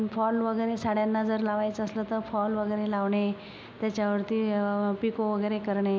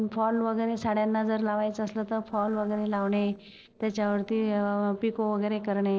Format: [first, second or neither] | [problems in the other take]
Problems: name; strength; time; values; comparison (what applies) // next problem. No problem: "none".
first | noise reduction (neural separator model SepFormer DNS4)